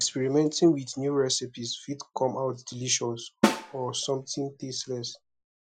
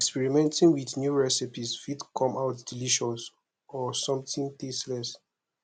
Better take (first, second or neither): second